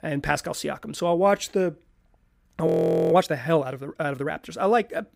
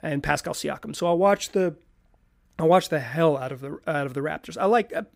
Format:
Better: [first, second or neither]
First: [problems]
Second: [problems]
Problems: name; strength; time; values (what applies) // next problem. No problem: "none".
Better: second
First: audio freezing; at 2.5 s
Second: none